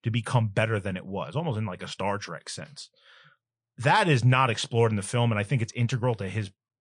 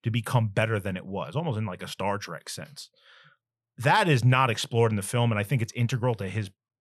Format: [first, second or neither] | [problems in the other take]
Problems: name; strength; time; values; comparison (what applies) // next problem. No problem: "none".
second | garbled, watery; slightly; nothing above 9 kHz